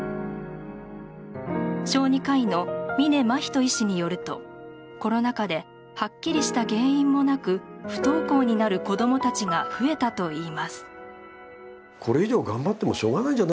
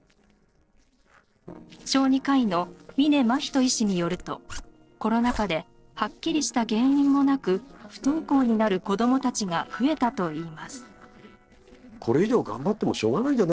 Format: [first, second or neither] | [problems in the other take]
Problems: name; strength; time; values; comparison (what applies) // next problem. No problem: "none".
first | noise reduction (neural separator model SepFormer DNS4)